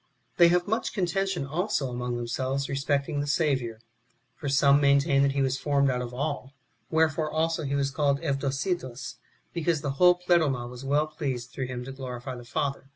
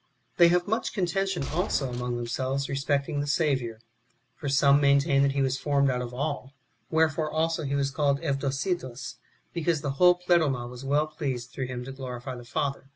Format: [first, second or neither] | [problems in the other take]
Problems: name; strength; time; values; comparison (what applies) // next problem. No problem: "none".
first | background sound (Gunshot, gunfire); 13 dB below the speech